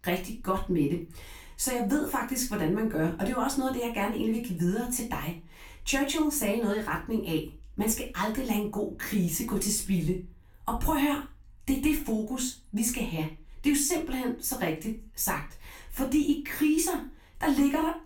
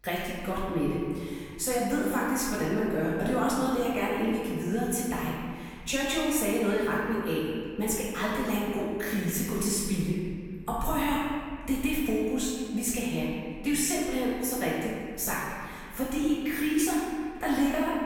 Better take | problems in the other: first | room echo; strong; dies away in 2 s; slight in the first // off-mic speech; far; far in the first

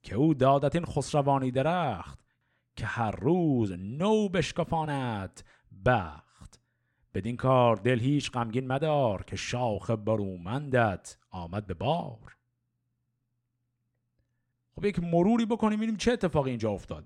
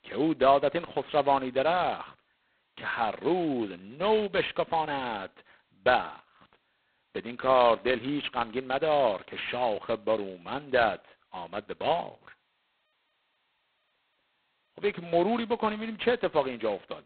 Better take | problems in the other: first | phone-call audio; poor line; nothing above 4 kHz

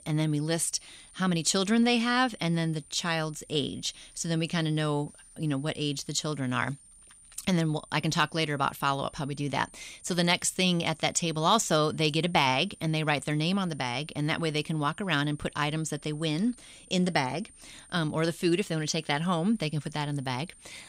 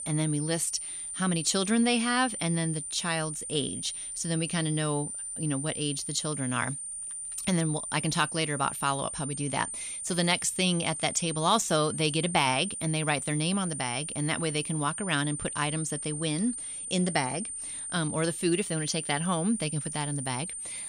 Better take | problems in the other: first | high-pitched whine; loud; throughout; 9 kHz, 5 dB below the speech; faint in the first

